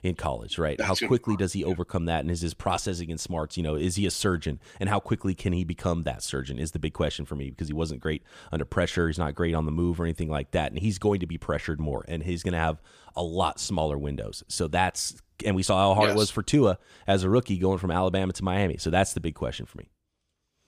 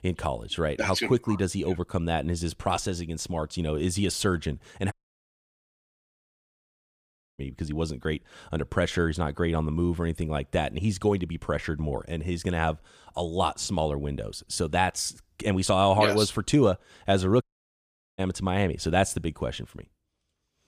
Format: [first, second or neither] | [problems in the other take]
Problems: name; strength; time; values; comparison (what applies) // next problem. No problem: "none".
first | audio cutting out; at 5 s for 2.5 s and at 17 s for 1 s